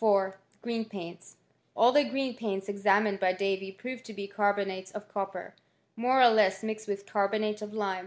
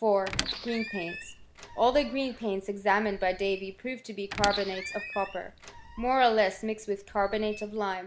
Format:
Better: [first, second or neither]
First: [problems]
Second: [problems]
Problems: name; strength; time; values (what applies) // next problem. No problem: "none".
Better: first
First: none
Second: background sound (Squeak); 11 dB below the speech